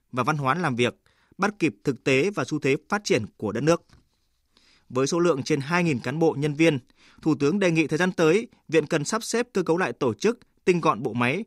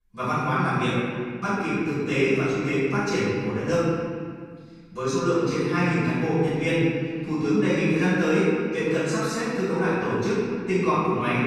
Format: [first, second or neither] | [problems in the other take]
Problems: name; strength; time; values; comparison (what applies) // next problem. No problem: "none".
first | off-mic speech; far // room echo; strong; dies away in 1.9 s